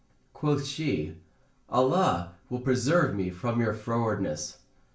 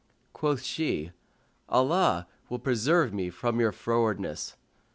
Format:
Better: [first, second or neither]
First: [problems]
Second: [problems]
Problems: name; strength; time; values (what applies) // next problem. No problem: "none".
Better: second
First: room echo; dies away in 0.3 s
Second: none